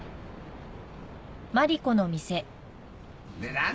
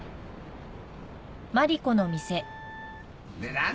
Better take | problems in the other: first | background sound (Wind instrument, woodwind instrument); 16 dB below the speech

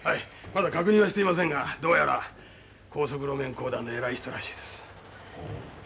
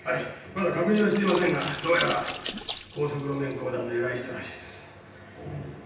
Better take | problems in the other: first | background sound (Splash, splatter); 11 dB below the speech // room echo; dies away in 0.9 s

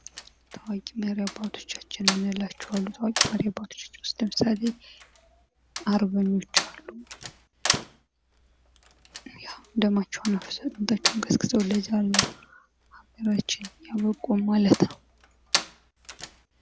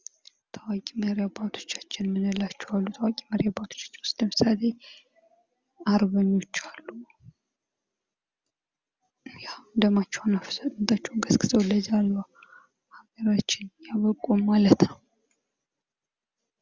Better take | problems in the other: second | background sound (Slam); 6 dB below the speech

